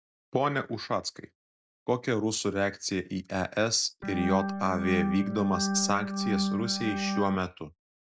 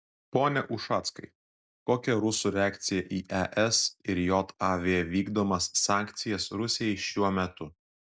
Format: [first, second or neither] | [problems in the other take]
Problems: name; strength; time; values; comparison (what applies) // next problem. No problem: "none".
second | background sound (Organ); as loud as the speech